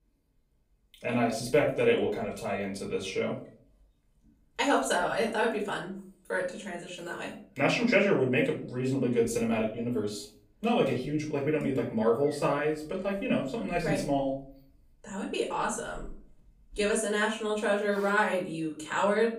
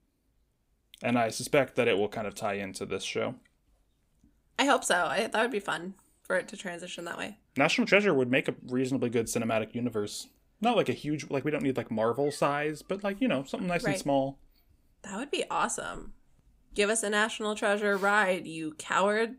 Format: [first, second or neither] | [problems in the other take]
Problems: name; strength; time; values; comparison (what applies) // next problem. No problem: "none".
second | off-mic speech; far // room echo; slight; dies away in 0.4 s